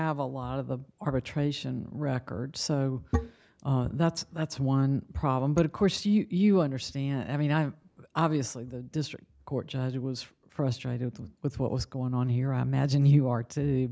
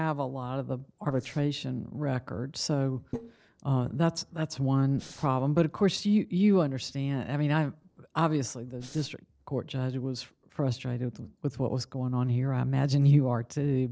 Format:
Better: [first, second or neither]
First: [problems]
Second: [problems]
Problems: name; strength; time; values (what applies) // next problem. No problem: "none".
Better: first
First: none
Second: noise reduction (neural separator model SepFormer DNS4)